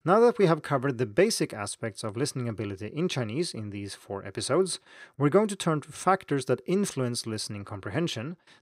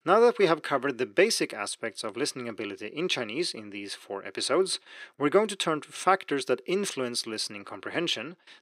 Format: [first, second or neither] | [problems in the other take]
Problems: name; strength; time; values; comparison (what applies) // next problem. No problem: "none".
first | thin; very slightly; fading below 300 Hz